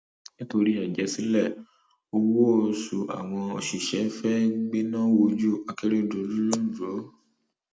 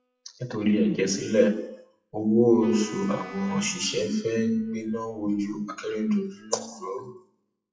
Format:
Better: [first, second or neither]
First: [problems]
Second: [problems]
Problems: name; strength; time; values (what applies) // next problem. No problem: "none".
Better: first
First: none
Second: noise reduction (classical method WPE with log-MMSE)